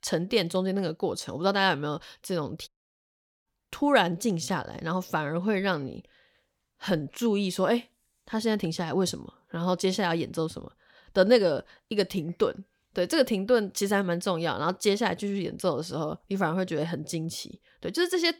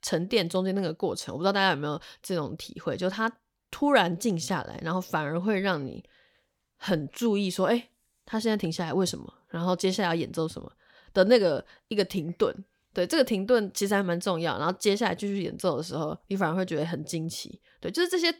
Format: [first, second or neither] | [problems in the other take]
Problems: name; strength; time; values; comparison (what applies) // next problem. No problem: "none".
second | audio cutting out; at 2.5 s for 1 s